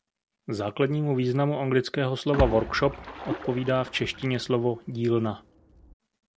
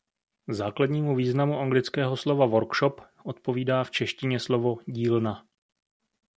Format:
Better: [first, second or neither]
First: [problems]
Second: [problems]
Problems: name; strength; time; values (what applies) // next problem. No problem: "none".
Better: second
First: background sound (Splash, splatter); 9 dB below the speech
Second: none